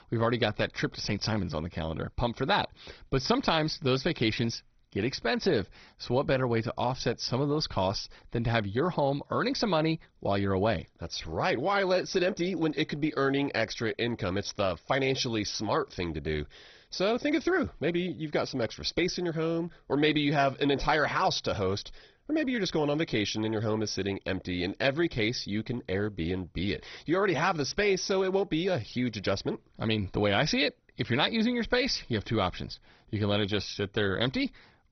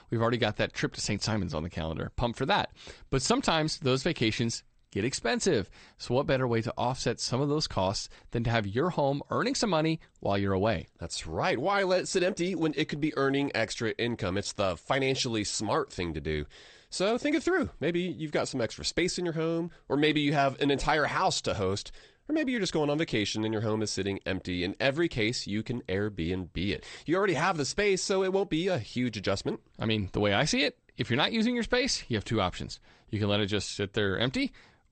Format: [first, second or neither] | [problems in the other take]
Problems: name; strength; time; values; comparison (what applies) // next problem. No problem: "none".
second | garbled, watery; badly; nothing above 6 kHz; slightly in the second